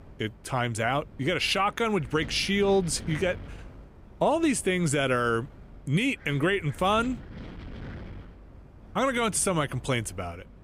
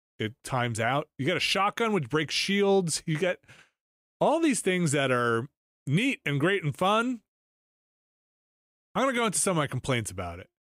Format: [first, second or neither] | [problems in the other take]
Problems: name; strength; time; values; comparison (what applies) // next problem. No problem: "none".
second | wind noise on the microphone; occasional gusts; 25 dB below the speech